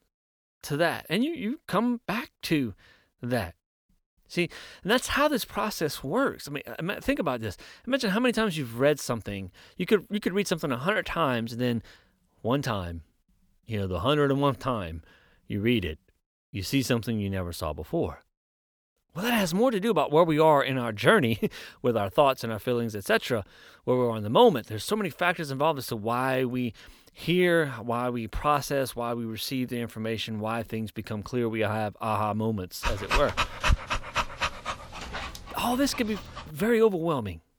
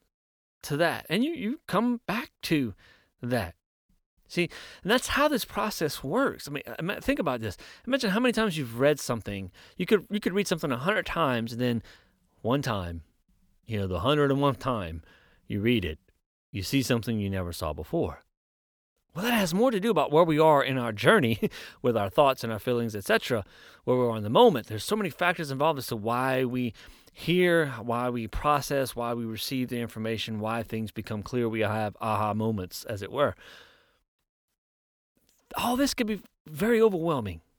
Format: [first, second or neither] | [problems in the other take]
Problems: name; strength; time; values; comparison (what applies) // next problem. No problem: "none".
second | dog barking; loud; from 33 to 35 s; peak 1 dB above the speech